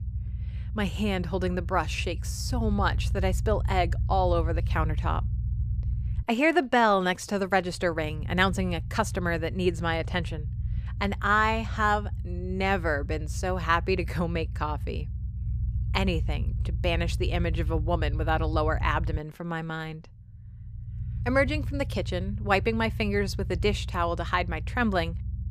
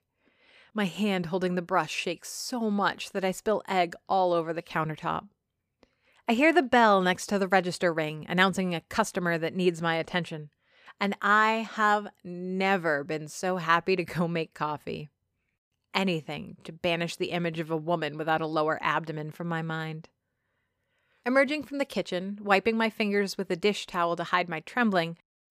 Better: second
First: low rumble; faint; throughout; 20 dB below the speech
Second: none

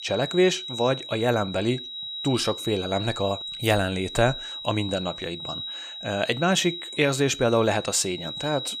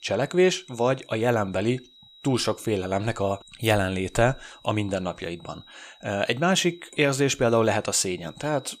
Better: second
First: high-pitched whine; loud; throughout; 4 kHz, 8 dB below the speech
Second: high-pitched whine; faint; throughout; 4 kHz, 25 dB below the speech

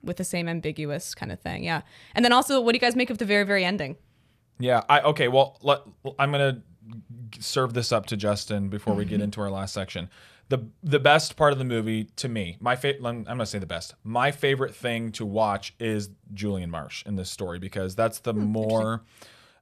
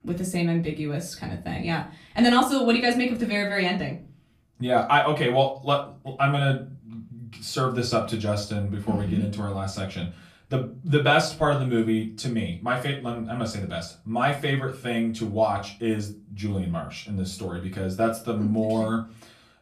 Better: first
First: none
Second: off-mic speech; far // room echo; very slight; dies away in 0.3 s

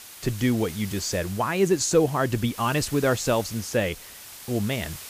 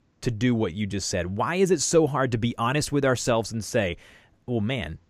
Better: second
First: hiss; noticeable; throughout; 15 dB below the speech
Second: none

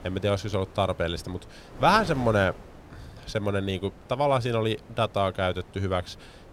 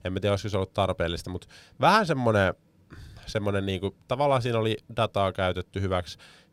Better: second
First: wind noise on the microphone; occasional gusts; 20 dB below the speech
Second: none

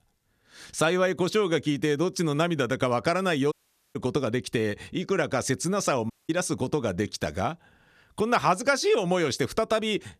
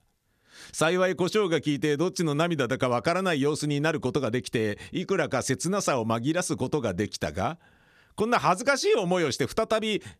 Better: second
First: audio cutting out; at 3.5 s and at 6 s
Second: none

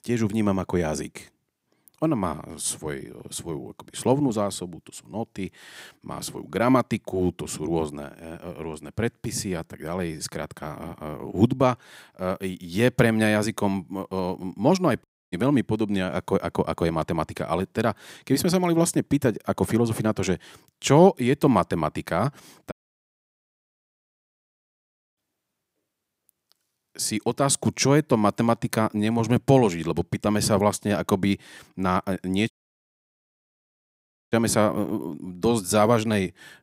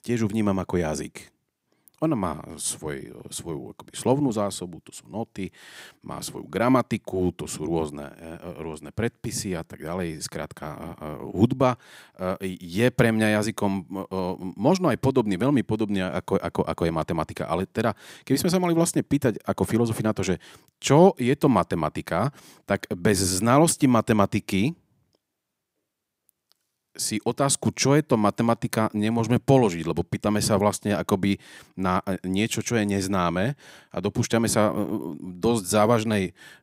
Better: second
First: audio cutting out; at 15 s, at 23 s for 2.5 s and at 33 s for 2 s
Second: none

